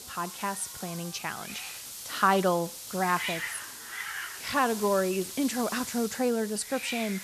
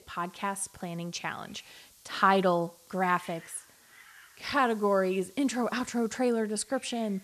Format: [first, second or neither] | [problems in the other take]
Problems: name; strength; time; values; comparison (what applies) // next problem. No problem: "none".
second | hiss; loud; throughout; 8 dB below the speech; faint in the second